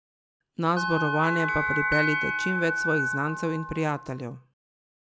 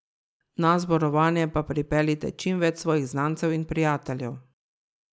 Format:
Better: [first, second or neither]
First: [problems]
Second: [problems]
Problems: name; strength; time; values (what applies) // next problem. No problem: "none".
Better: second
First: background sound (Bell); as loud as the speech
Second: none